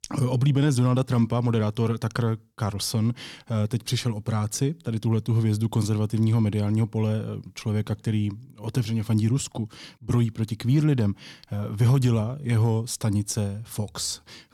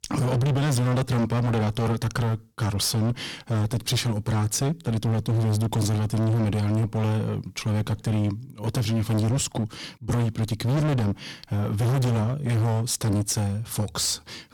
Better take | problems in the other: first | distortion; heavy; 28% of the sound clipped

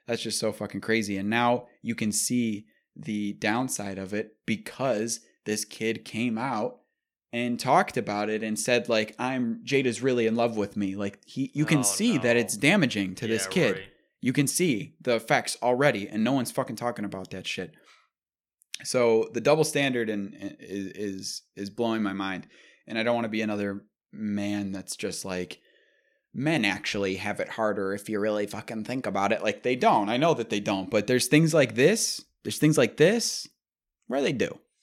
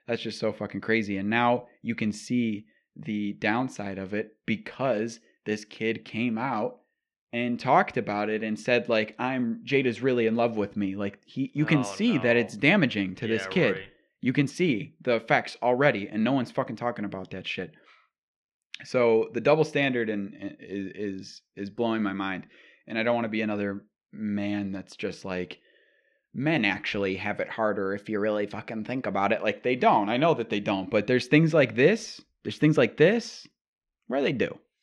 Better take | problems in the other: first | muffled; slightly; fading above 3 kHz

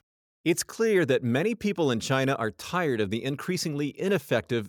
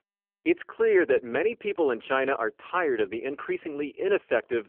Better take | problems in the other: first | phone-call audio; poor line

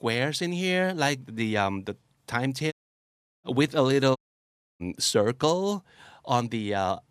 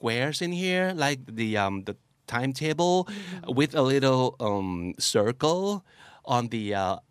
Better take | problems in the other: second | audio cutting out; at 2.5 s for 0.5 s and at 4 s for 0.5 s

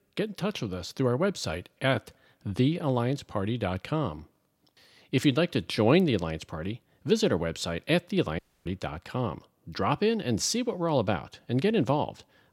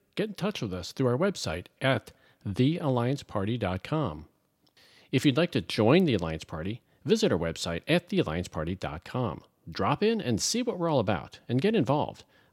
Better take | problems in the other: second | audio cutting out; at 8.5 s

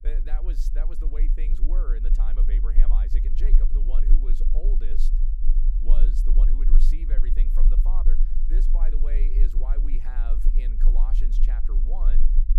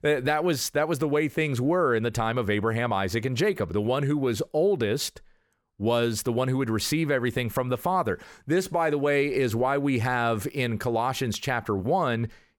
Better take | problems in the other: second | low rumble; loud; throughout; 5 dB below the speech

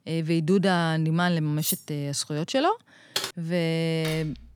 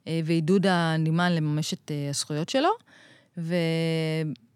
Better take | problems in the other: second | clattering dishes; noticeable; at 1.5 s; peak 4 dB below the speech // keyboard typing; noticeable; at 3 s; peak 4 dB below the speech // clattering dishes; faint; at 4 s; peak 10 dB below the speech

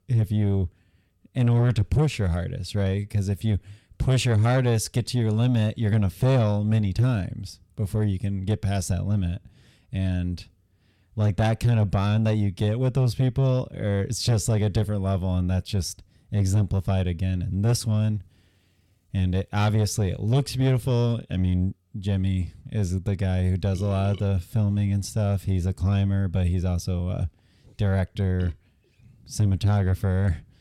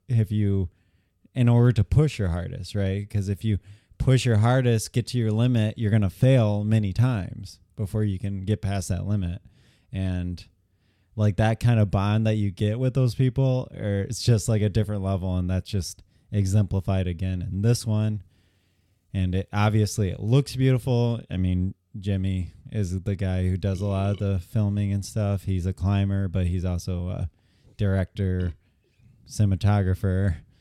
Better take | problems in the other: second | distortion; slight; 10 dB below the speech

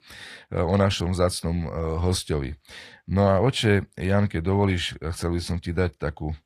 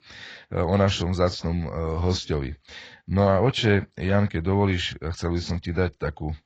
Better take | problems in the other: first | garbled, watery; badly; nothing above 7.5 kHz; slightly in the first

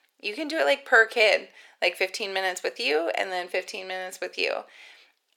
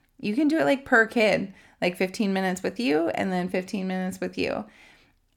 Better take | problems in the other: second | thin; very; fading below 450 Hz

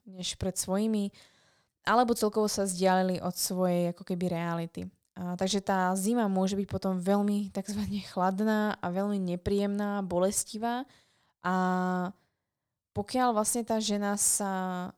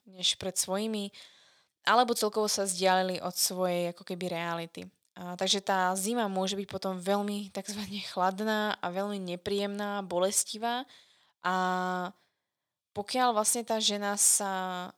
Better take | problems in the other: first | thin; very slightly; fading below 950 Hz

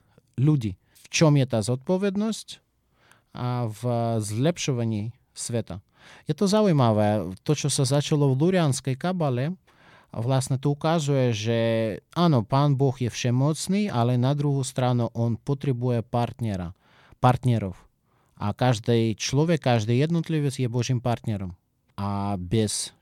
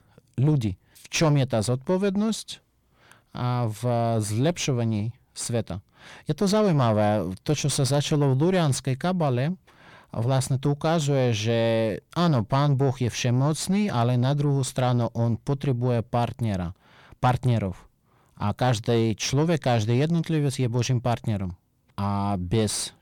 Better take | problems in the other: first | distortion; slight; 10 dB below the speech

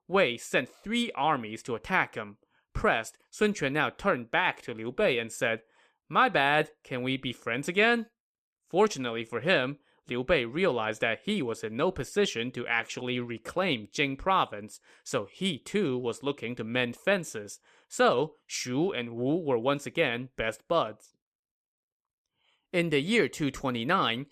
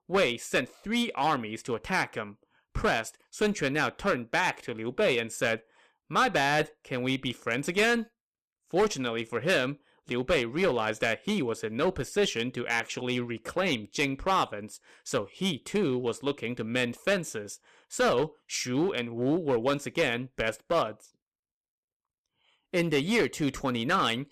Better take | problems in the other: first | distortion; slight; 5% of the sound clipped

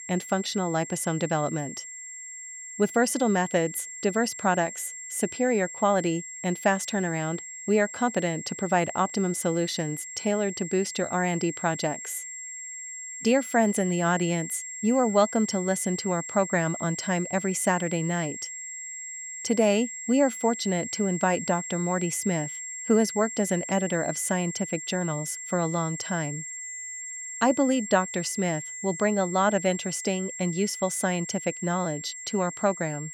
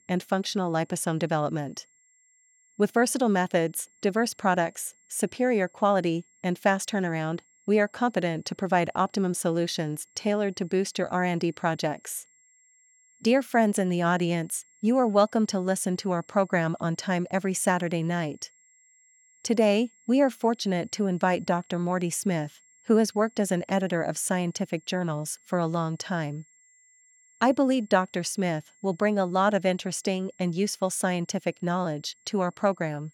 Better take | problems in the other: second | high-pitched whine; loud; throughout; 7.5 kHz, 9 dB below the speech; faint in the second

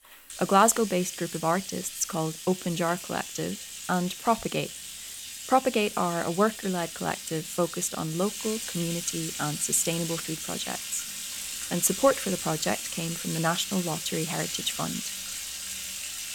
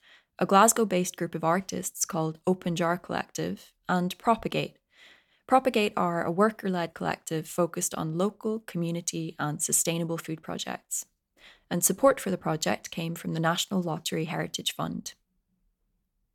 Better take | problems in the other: second | household noises; loud; throughout; 6 dB below the speech

